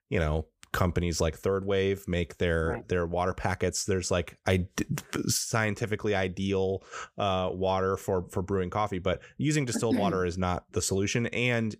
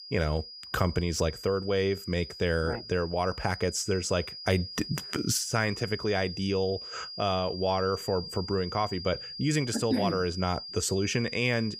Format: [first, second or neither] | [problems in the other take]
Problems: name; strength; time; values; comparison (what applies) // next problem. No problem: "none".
first | high-pitched whine; loud; throughout; 5 kHz, 10 dB below the speech